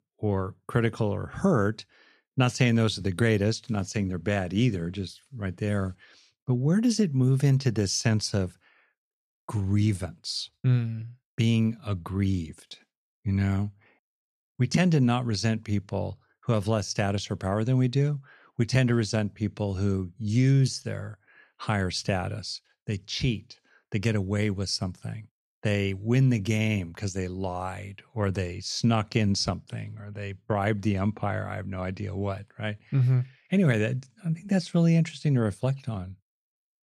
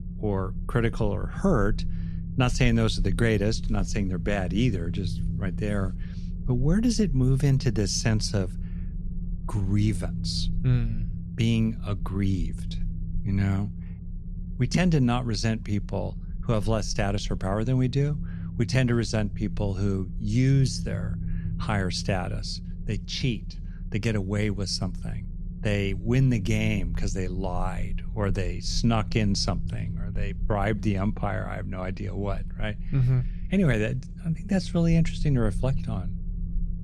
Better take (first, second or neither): first